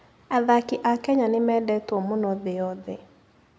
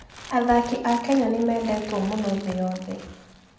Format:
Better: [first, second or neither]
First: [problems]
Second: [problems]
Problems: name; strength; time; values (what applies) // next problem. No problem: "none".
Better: first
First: none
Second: background sound (Crumpling, crinkling); 17 dB below the speech // room echo; dies away in 0.7 s